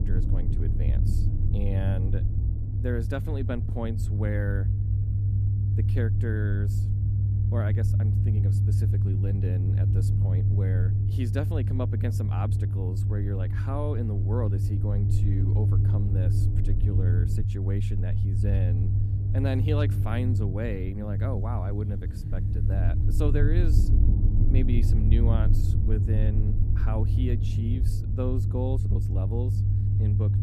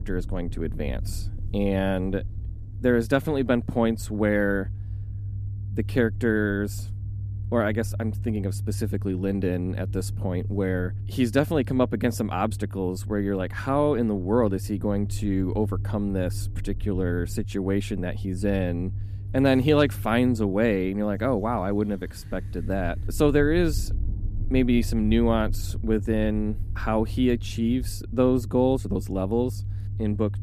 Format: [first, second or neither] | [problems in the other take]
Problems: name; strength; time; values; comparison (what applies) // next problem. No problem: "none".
second | low rumble; loud; throughout; 1 dB below the speech; faint in the second